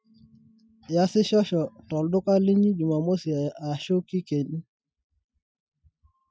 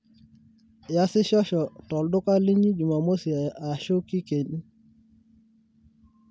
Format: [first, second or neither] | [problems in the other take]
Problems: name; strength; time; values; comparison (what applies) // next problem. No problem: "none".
second | noise reduction (classical method Wiener filter)